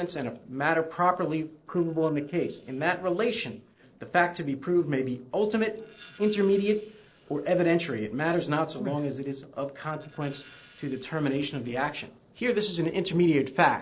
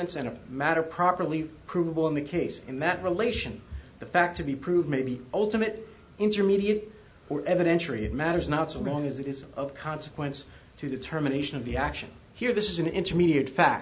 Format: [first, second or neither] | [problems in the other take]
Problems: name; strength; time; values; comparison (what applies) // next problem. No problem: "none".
second | noise reduction (neural separator model SepFormer DNS4)